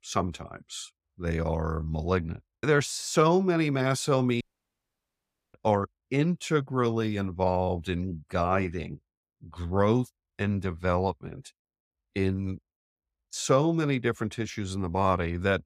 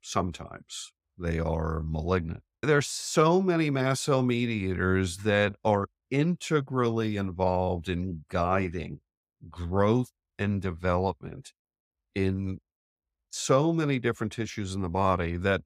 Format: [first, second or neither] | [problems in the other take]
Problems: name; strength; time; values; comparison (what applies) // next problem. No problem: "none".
second | audio cutting out; at 4.5 s for 1 s